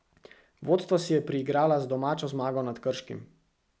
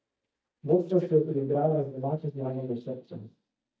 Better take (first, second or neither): first